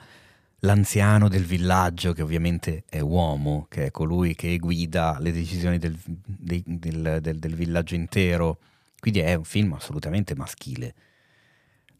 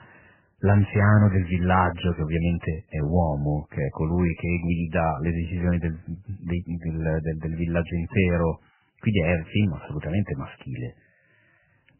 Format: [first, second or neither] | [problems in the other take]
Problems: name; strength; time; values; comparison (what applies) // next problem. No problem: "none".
first | garbled, watery; badly; nothing above 3 kHz